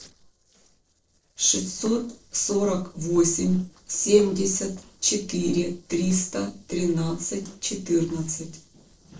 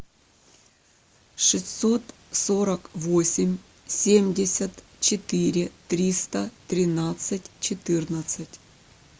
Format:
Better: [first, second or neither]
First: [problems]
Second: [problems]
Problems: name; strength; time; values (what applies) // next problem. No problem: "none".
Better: second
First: noise reduction (neural separator model SepFormer DNS4)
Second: none